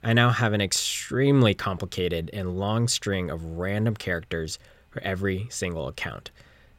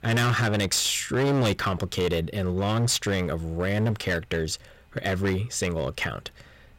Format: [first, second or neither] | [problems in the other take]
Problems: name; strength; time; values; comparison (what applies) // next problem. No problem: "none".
first | distortion; heavy; 13% of the sound clipped